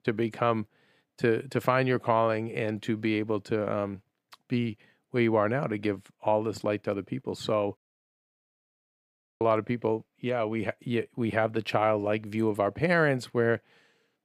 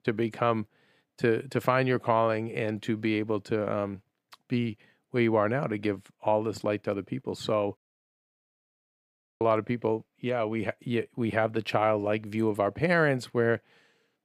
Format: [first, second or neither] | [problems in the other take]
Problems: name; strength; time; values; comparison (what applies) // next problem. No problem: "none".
neither | audio cutting out; at 8 s for 1.5 s; the same in both